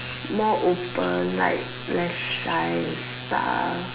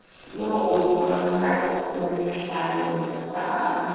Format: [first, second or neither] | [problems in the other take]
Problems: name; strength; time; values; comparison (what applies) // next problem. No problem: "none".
first | noise reduction (neural separator model SepFormer DNS4)